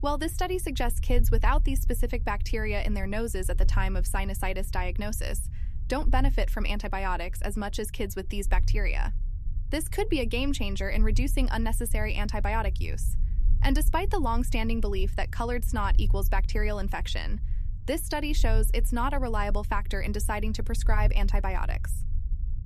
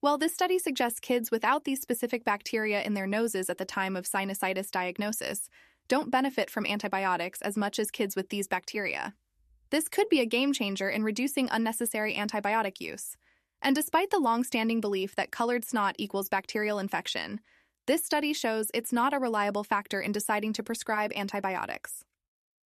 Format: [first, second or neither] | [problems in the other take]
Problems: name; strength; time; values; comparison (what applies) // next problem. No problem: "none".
second | low rumble; noticeable; throughout; 20 dB below the speech